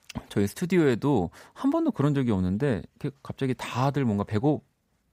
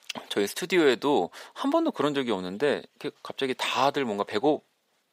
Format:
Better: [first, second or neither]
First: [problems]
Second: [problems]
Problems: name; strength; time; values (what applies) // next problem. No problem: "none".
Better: first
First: none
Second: thin; somewhat; fading below 450 Hz